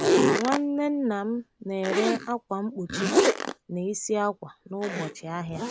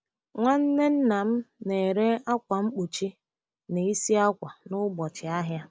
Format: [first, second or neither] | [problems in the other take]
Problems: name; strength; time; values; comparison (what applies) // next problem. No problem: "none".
second | background sound (Zipper (clothing)); 1 dB above the speech